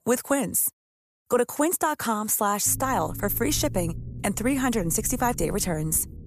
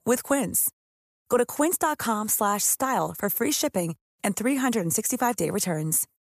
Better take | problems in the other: second | low rumble; faint; from 2.5 s on; 20 dB below the speech

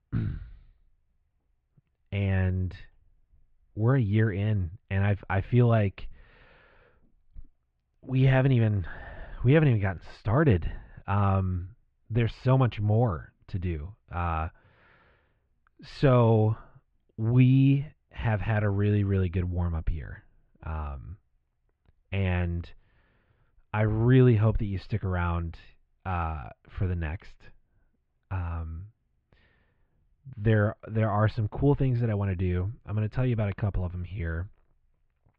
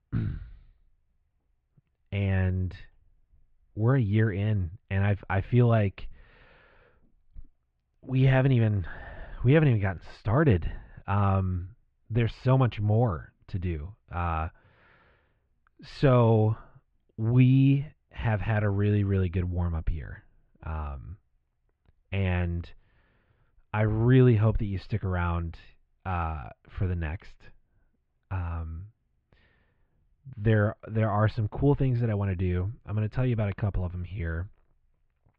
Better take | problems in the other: neither | muffled; very; fading above 3 kHz; the same in both

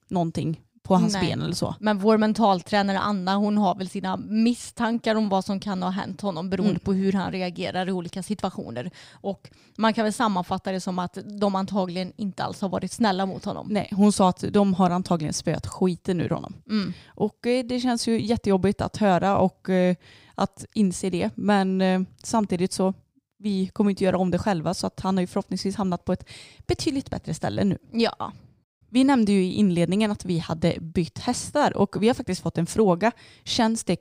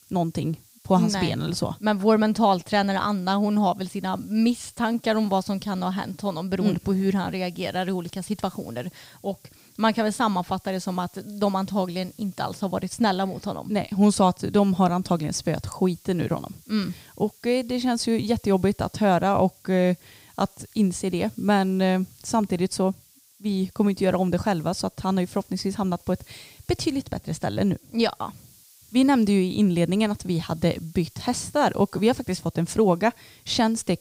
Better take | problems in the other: first | hiss; faint; throughout; 25 dB below the speech

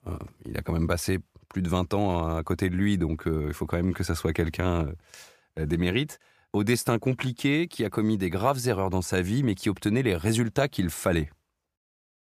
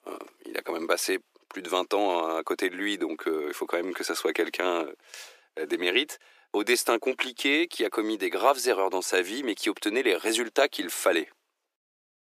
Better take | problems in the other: first | thin; very; fading below 300 Hz

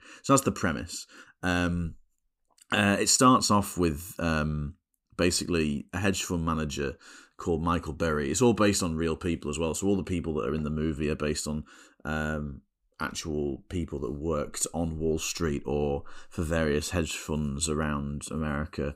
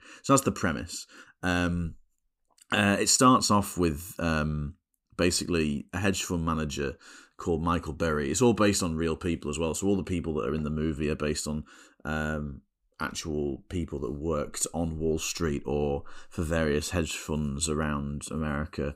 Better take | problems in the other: neither | none

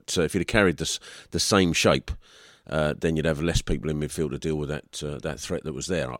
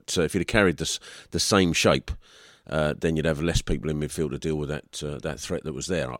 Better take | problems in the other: neither | none

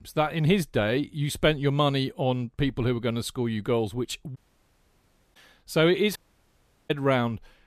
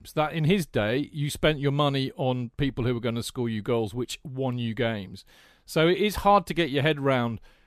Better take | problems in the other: second | audio cutting out; at 4.5 s for 1 s and at 6 s for 0.5 s

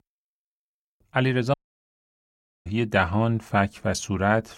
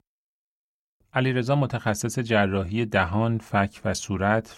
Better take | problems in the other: second | audio cutting out; at 1.5 s for 1 s

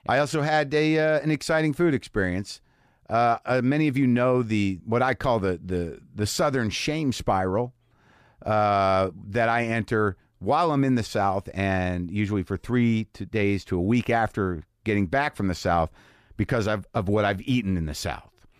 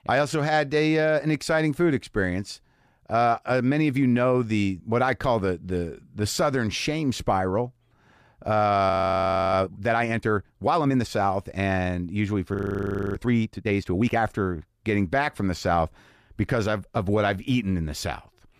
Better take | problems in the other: first | audio freezing; at 9 s for 0.5 s and at 13 s for 0.5 s

